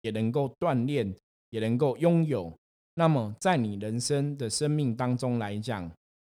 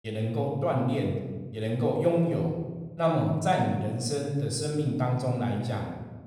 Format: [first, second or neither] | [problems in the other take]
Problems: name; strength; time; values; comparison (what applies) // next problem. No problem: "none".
first | off-mic speech; somewhat distant // room echo; noticeable; dies away in 1.1 s